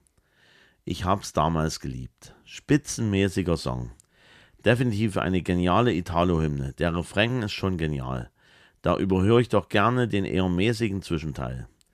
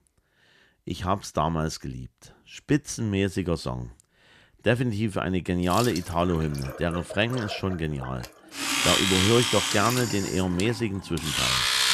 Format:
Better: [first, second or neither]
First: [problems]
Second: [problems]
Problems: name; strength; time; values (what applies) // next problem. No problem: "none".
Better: first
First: none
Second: household noises; very loud; from 6 s on; as loud as the speech